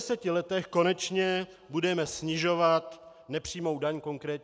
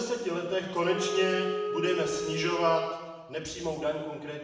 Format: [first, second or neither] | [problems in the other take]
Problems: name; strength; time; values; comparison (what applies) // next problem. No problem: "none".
first | background sound (Wind instrument, woodwind instrument); 4 dB below the speech // room echo; dies away in 1.2 s